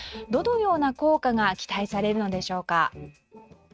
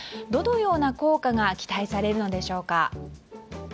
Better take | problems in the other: second | noise reduction (neural mask model RNNoise)

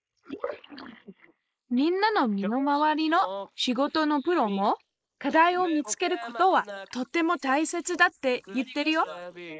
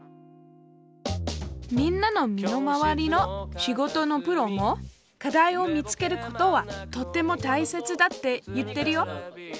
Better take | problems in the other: second | noise reduction (neural mask model Resemble Enhance denoiser)

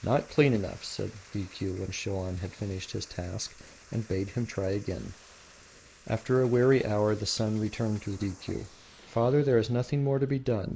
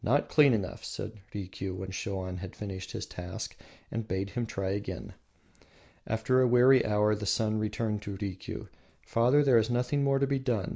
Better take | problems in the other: second | noise reduction (neural mask model Resemble Enhance denoiser)

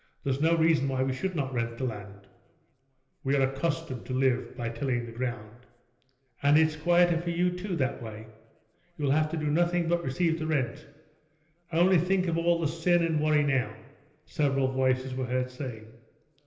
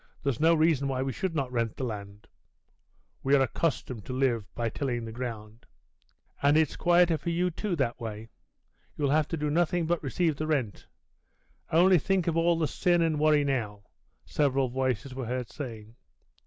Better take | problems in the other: second | room echo; dies away in 1.4 s

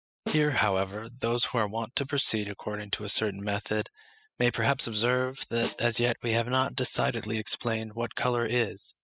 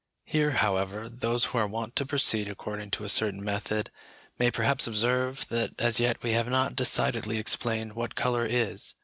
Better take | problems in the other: second | noise reduction (classical method spectral subtraction)

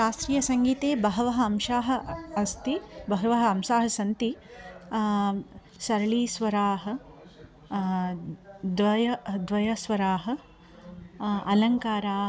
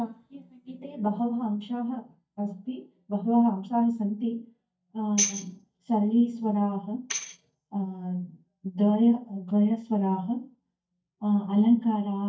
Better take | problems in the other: first | noise reduction (neural mask model DeepFilterNet 3)

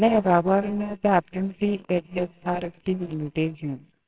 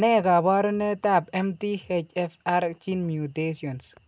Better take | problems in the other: second | noise reduction (neural separator model SepFormer WHAMR!)

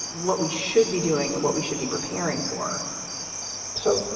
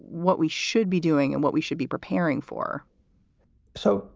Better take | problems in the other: second | background sound (Cricket); 6 dB below the speech // room echo; dies away in 2.3 s

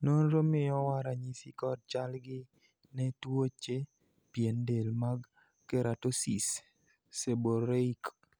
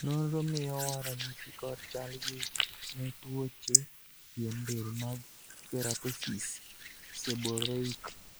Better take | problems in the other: first | noise reduction (neural mask model Resemble Enhance denoiser)

